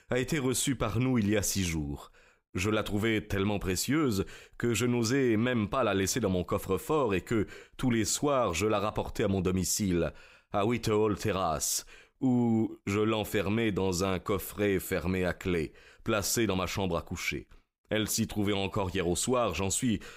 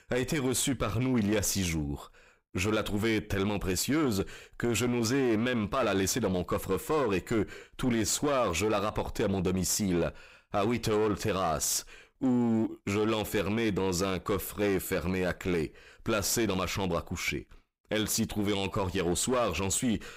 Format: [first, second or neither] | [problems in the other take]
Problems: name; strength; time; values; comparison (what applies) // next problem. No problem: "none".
first | distortion; slight; 11% of the sound clipped